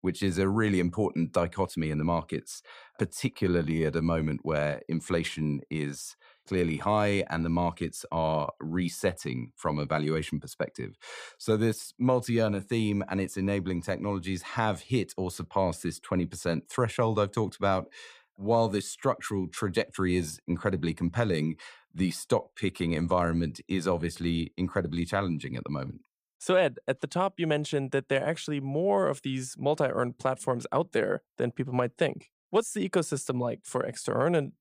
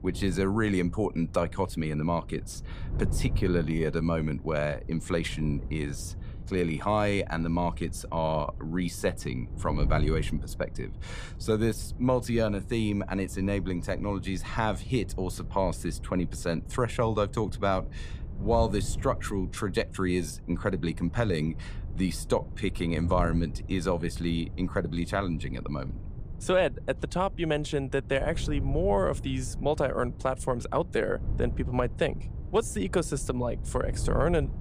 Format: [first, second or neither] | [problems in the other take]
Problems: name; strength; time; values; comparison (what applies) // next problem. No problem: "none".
first | wind noise on the microphone; occasional gusts; 20 dB below the speech